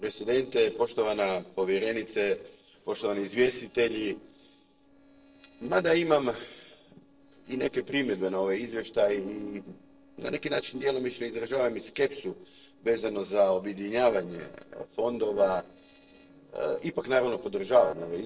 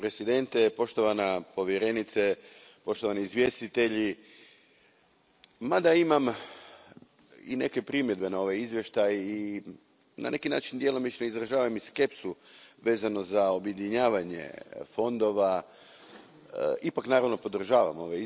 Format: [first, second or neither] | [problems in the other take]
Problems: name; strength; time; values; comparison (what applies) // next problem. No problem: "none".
second | noise reduction (neural separator model SepFormer DNS4)